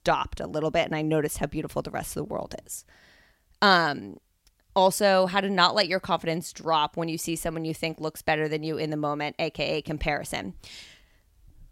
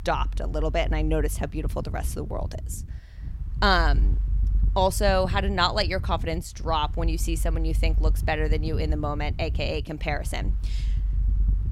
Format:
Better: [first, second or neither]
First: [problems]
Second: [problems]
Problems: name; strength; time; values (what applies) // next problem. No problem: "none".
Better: first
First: none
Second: wind noise on the microphone; occasional gusts; 20 dB below the speech